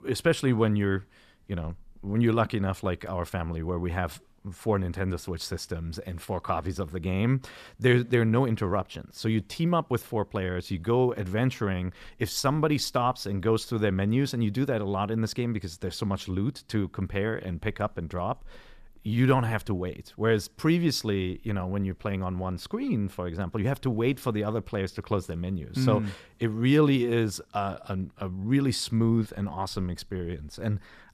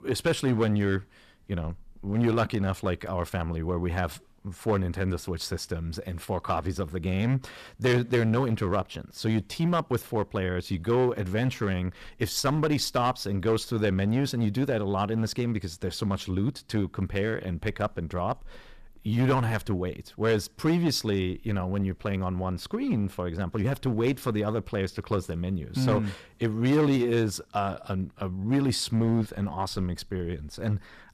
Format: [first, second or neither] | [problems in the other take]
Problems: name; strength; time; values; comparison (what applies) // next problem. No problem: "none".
first | distortion; slight; 5% of the sound clipped